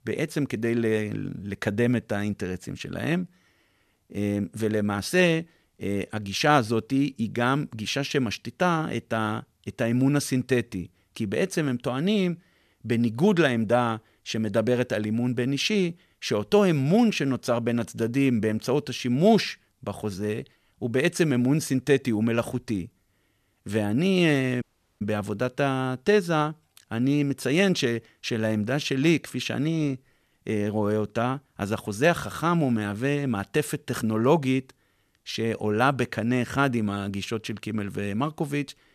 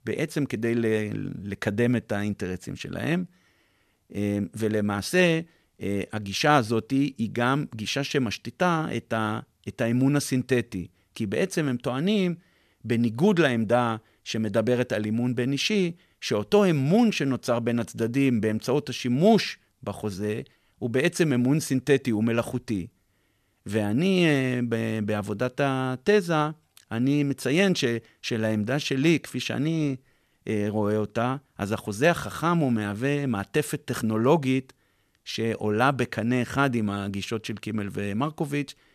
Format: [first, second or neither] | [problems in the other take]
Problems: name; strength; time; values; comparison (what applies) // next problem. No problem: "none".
second | audio cutting out; at 25 s